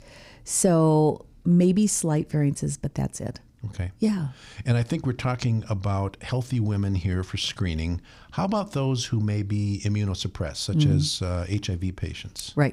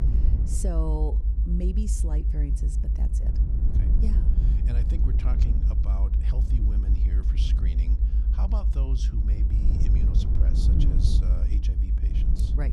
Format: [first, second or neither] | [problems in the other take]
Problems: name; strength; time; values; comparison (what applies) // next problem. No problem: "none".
first | low rumble; loud; throughout; 1 dB below the speech